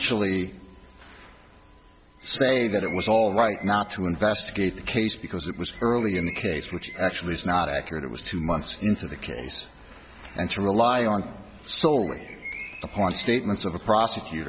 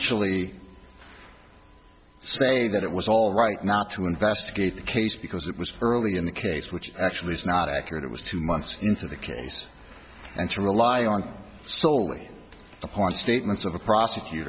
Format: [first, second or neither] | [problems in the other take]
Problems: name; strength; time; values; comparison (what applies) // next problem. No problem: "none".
second | background sound (Bird); 17 dB below the speech